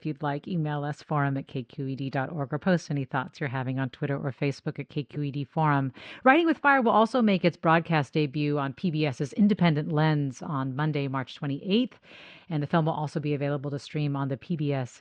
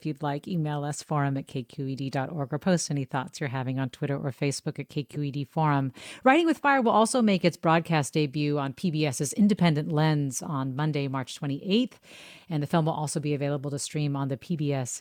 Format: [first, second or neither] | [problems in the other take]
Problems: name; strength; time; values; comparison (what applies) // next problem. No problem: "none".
second | muffled; slightly; fading above 4 kHz